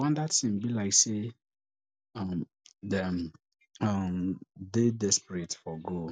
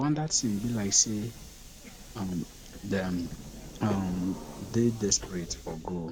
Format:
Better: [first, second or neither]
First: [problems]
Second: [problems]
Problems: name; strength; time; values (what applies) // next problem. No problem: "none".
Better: first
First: none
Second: background sound (Subway, metro, underground); 12 dB below the speech